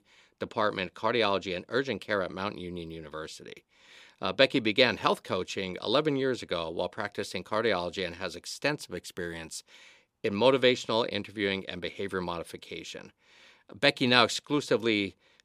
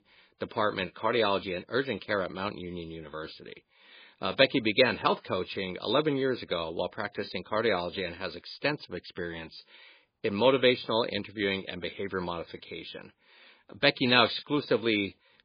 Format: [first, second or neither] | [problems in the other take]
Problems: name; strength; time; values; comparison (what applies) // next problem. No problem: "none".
first | garbled, watery; badly; nothing above 4 kHz